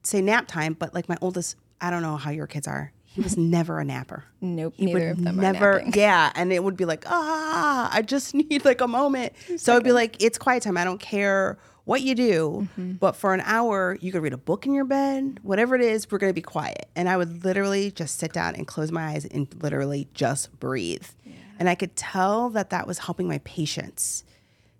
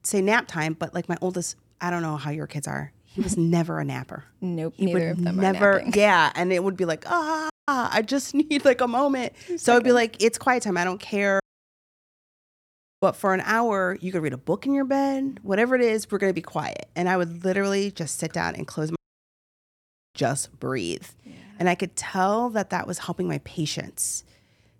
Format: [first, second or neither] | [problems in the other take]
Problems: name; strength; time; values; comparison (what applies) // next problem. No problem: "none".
first | audio cutting out; at 7.5 s, at 11 s for 1.5 s and at 19 s for 1 s